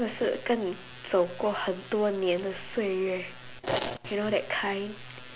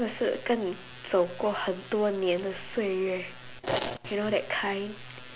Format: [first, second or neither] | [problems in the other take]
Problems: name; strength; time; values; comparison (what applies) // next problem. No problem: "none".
second | background sound (Slam / Wood); 18 dB below the speech